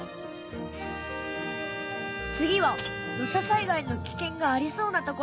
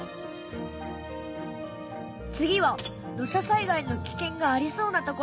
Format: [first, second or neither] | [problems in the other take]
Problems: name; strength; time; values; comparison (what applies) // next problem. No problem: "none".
second | background sound (Bowed string instrument); 7 dB below the speech